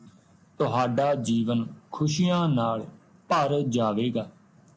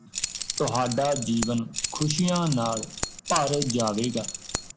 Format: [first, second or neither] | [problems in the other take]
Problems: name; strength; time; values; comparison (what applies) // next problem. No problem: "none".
first | background sound (Keys jangling); 6 dB below the speech